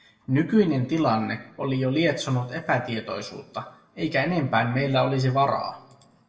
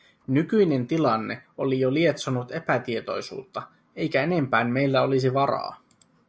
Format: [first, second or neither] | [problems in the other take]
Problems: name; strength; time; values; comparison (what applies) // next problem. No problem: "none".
second | room echo; dies away in 0.6 s